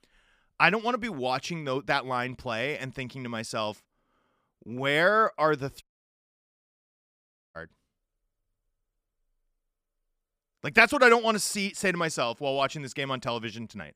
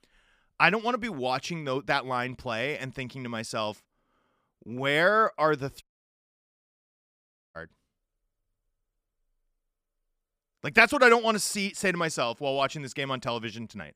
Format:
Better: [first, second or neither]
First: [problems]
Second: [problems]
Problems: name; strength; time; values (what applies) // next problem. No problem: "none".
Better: neither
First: audio cutting out; at 6 s for 1.5 s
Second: audio cutting out; at 6 s for 1.5 s